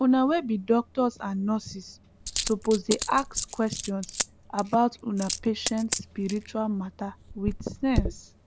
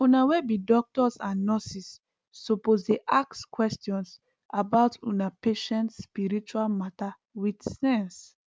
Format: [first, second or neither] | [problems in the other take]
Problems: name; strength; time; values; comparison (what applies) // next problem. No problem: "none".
second | background sound (Coin (dropping)); 8 dB below the speech